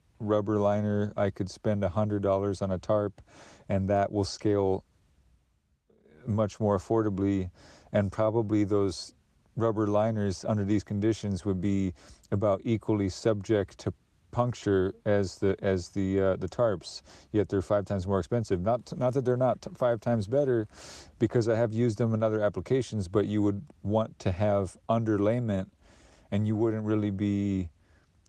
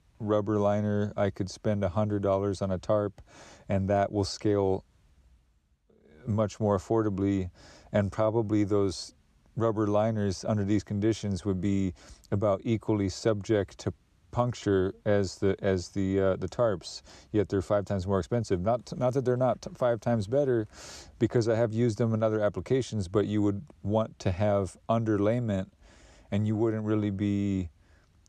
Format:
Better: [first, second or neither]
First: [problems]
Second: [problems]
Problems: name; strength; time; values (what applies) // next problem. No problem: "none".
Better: second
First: garbled, watery; slightly; nothing above 14 kHz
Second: none